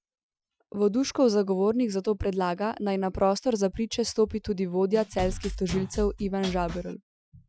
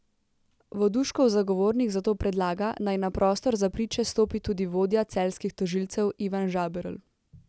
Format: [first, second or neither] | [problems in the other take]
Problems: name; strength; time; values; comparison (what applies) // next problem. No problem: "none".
second | noise reduction (classical method Wiener filter)